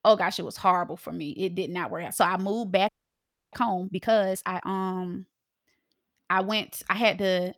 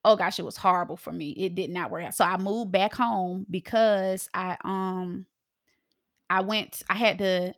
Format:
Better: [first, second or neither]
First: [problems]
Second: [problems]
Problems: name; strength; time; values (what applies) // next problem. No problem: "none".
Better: second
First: audio freezing; at 3 s for 0.5 s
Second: none